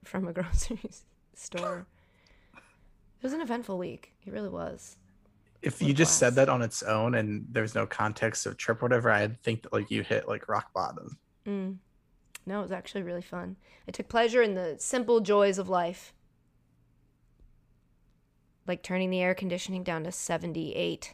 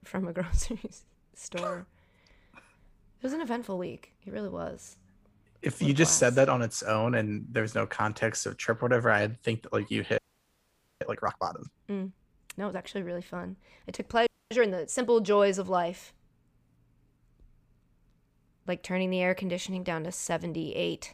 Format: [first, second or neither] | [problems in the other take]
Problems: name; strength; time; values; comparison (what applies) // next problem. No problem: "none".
first | audio freezing; at 10 s for 1 s and at 14 s